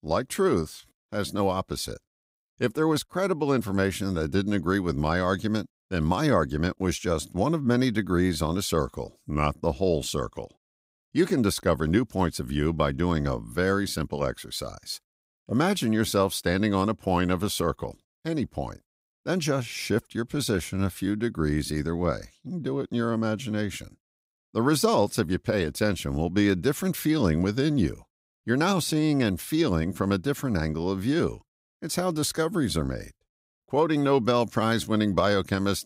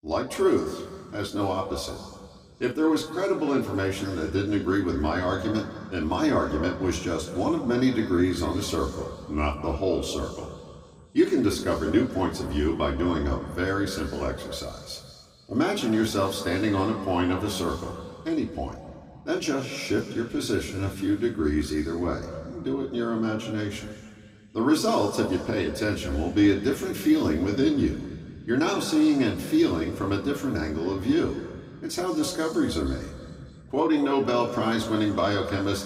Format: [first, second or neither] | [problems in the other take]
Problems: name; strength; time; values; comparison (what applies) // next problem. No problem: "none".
first | room echo; slight; dies away in 2 s // off-mic speech; far